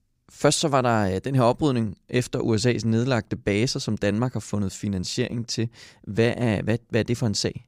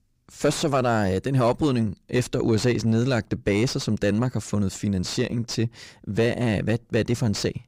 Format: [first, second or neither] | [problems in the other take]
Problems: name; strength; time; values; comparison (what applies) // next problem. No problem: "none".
first | distortion; slight; 10 dB below the speech